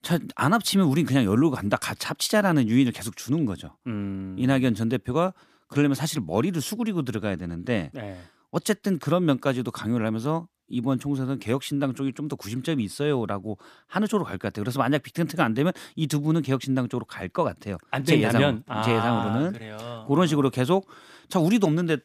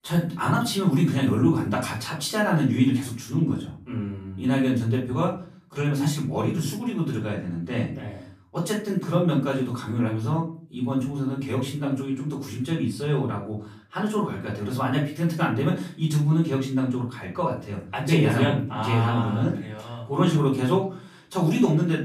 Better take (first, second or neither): first